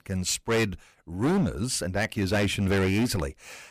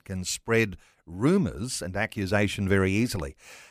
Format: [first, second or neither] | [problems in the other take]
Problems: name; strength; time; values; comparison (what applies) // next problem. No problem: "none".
second | distortion; heavy; 11% of the sound clipped